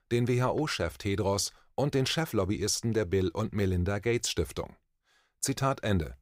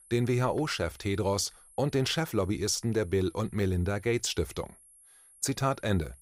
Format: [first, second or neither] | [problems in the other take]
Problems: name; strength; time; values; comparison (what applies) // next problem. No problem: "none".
first | high-pitched whine; faint; throughout; 11 kHz, 25 dB below the speech